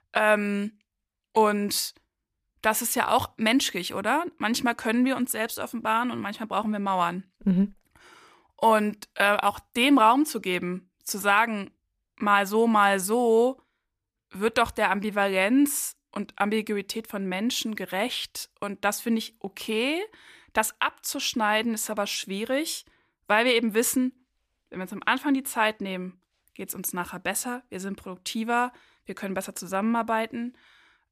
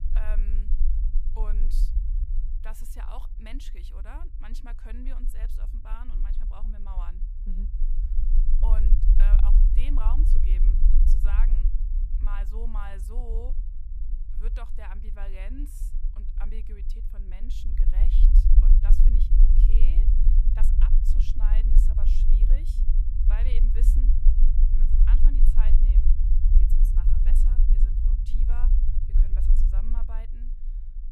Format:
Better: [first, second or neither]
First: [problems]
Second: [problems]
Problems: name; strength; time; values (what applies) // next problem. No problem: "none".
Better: first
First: none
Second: low rumble; loud; throughout; 2 dB below the speech